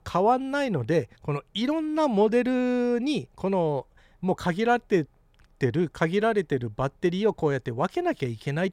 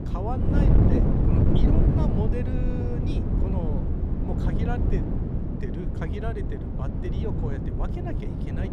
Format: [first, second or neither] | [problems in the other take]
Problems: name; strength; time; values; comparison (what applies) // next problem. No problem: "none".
first | wind noise on the microphone; heavy; 4 dB above the speech